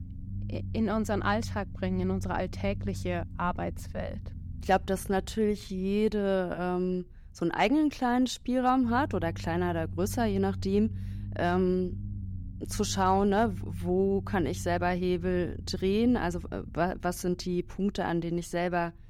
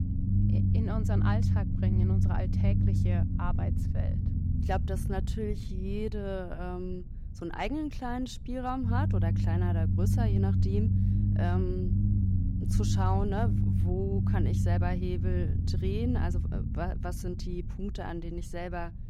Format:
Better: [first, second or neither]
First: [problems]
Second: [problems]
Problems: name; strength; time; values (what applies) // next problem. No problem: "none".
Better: first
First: low rumble; faint; throughout; 20 dB below the speech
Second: low rumble; loud; throughout; 3 dB below the speech